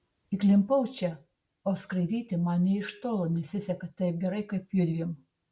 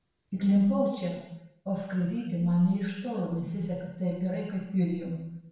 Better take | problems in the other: first | room echo; dies away in 0.9 s

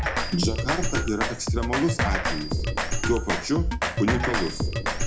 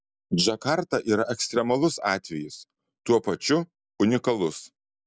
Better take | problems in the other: second | background sound (Drum kit); 3 dB above the speech // room echo; dies away in 0.3 s

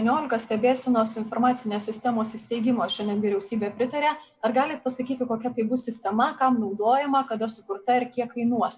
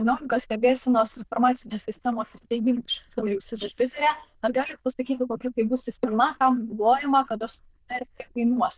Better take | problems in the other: first | noise reduction (neural diffusion model UNIVERSE++)

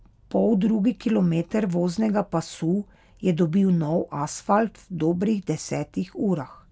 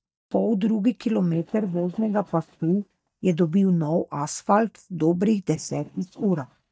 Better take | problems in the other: first | noise reduction (neural mask model DeepFilterNet 3)

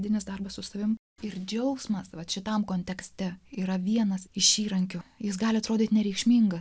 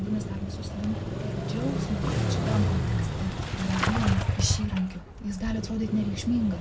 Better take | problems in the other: first | background sound (Engine starting / Motorcycle); 2 dB above the speech // room echo; dies away in 0.4 s

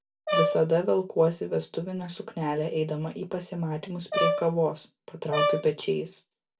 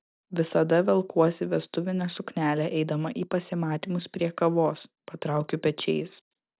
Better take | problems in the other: second | background sound (Brass instrument); 1 dB below the speech // room echo; dies away in 0.2 s

